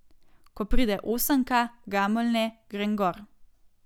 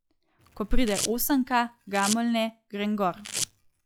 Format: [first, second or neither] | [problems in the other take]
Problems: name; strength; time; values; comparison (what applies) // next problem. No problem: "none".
first | noise reduction (classical method log-MMSE)